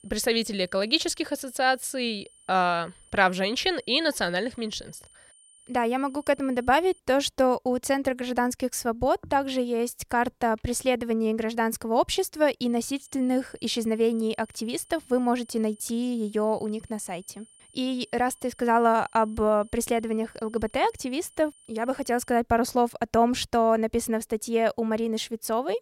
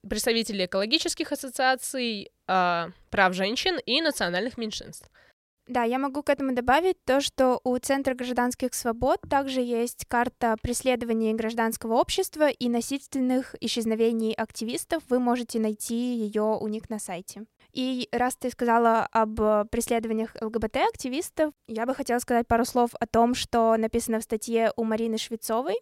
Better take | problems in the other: second | high-pitched whine; faint; until 7 s and from 13 to 22 s; 9 kHz, 25 dB below the speech

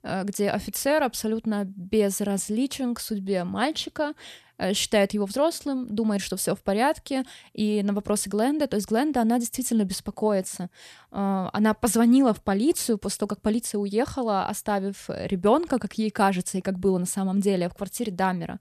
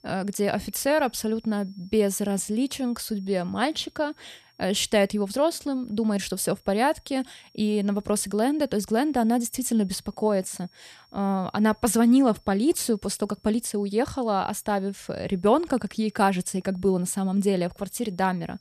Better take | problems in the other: first | high-pitched whine; faint; throughout; 5.5 kHz, 35 dB below the speech

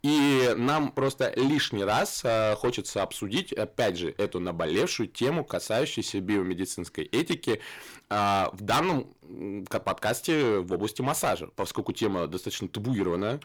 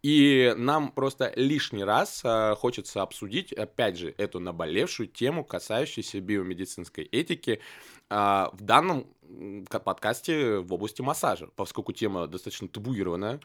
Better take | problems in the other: second | distortion; heavy; 6 dB below the speech

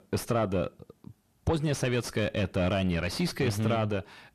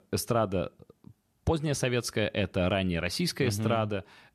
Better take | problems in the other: second | distortion; slight; 10 dB below the speech

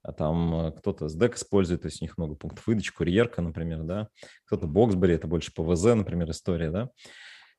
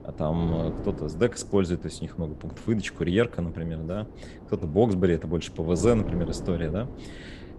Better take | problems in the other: first | wind noise on the microphone; occasional gusts; 15 dB below the speech

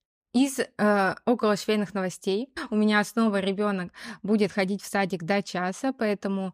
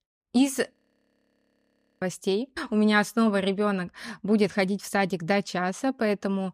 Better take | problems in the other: first | audio freezing; at 0.5 s for 1.5 s

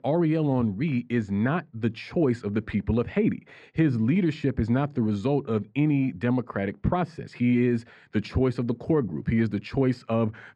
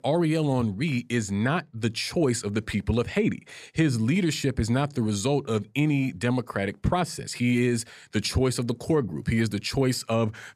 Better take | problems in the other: second | muffled; very; fading above 2 kHz

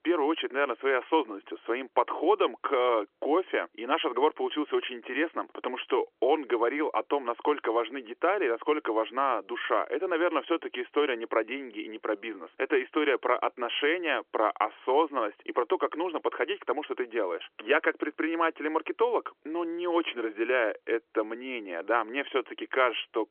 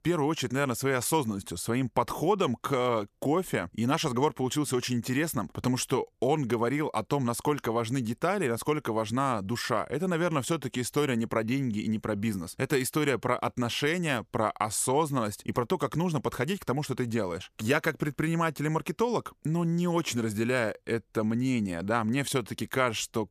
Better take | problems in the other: second | phone-call audio; nothing above 3.5 kHz

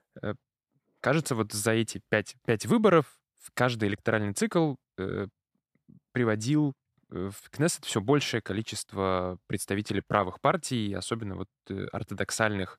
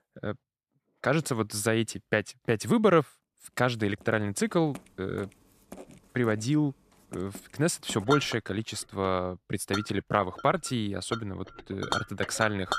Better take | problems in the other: first | household noises; loud; from 4 s on; 10 dB below the speech

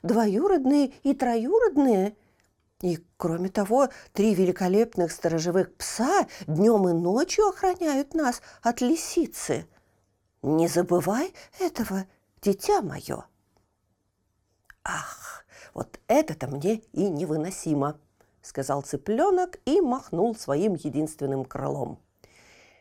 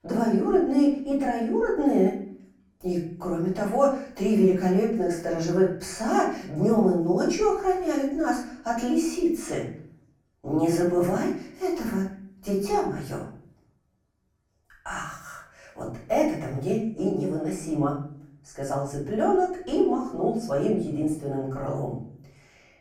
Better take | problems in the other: first | off-mic speech; far // room echo; noticeable; dies away in 0.6 s

